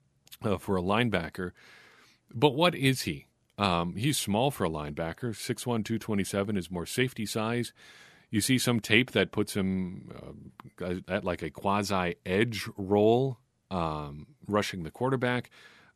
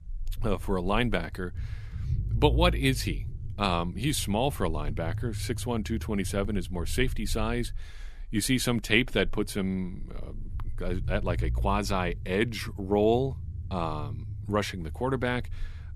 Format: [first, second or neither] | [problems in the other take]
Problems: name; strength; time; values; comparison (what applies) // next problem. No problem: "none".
first | low rumble; faint; throughout; 20 dB below the speech